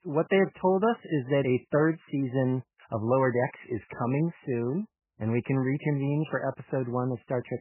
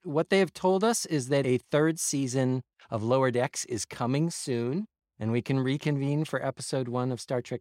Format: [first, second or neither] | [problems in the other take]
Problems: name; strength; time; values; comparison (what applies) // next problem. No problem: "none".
second | garbled, watery; badly; nothing above 3 kHz